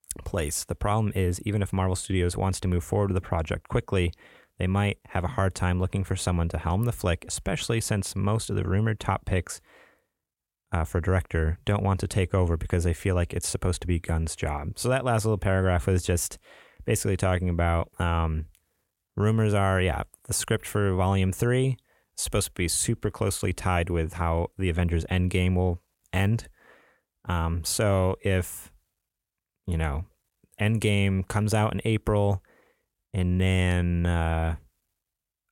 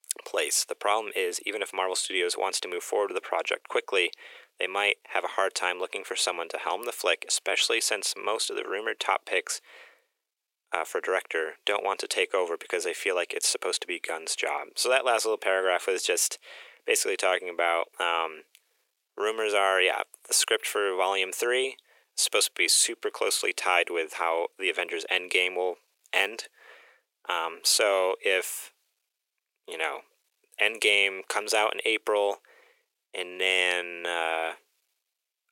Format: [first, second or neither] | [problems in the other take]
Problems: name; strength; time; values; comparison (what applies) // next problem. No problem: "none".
first | thin; very; fading below 400 Hz